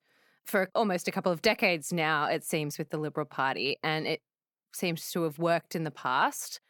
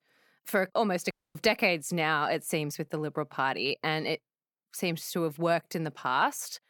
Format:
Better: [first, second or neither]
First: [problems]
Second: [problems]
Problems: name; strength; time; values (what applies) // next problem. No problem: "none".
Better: first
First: none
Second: audio cutting out; at 1 s